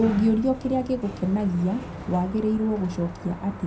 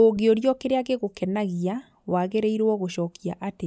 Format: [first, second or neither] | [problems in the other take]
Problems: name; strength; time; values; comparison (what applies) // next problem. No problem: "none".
second | background sound (Sliding door); 12 dB below the speech // room echo; dies away in 0.2 s